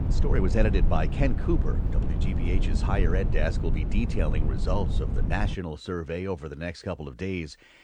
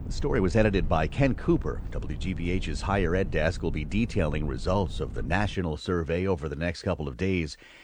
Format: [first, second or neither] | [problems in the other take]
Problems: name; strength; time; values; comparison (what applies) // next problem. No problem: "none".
second | low rumble; loud; until 5.5 s; 8 dB below the speech; faint in the second